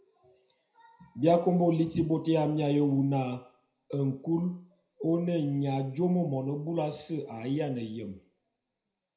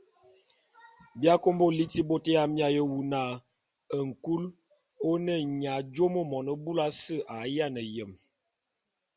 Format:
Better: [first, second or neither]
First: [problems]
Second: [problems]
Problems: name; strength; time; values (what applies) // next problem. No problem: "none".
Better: second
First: room echo; dies away in 0.5 s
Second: none